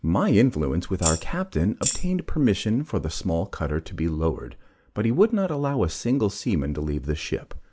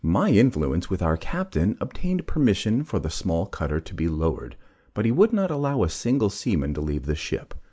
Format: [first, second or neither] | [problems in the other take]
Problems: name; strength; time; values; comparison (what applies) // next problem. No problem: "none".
second | background sound (Tambourine); 6 dB below the speech